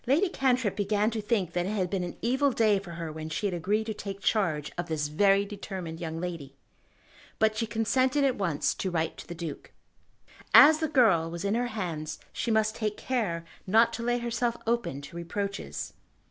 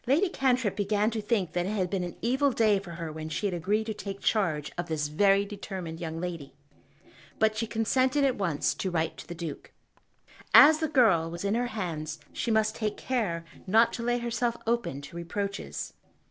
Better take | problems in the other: first | noise reduction (neural separator model SepFormer DNS4)

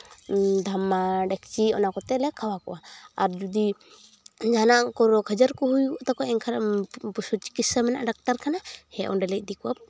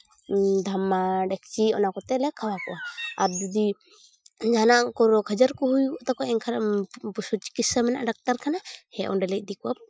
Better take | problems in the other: first | noise reduction (classical method Wiener filter)

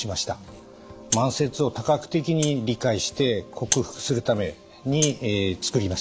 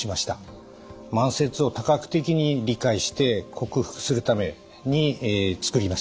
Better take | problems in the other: second | background sound (Rattle (instrument)); 11 dB below the speech

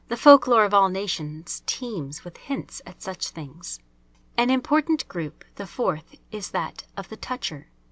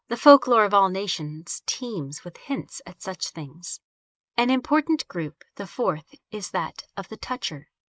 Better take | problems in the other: first | noise reduction (neural mask model Resemble Enhance denoiser)

